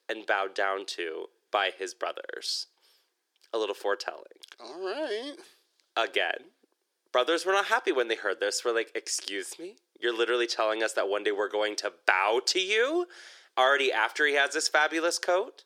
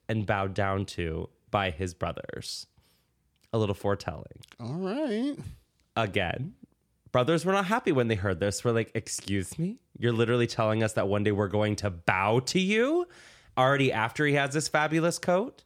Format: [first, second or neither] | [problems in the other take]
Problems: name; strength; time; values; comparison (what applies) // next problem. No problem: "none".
second | thin; very; fading below 350 Hz